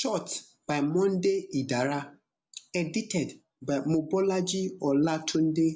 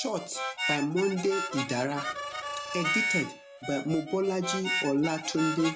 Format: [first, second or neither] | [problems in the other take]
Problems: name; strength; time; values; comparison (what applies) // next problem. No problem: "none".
first | background sound (Harmonica); 4 dB below the speech